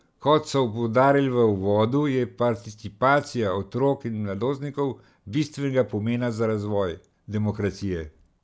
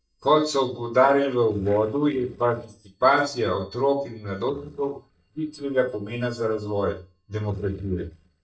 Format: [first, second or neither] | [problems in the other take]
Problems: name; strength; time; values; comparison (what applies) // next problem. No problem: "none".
first | noise reduction (neural mask model DeepFilterNet 3)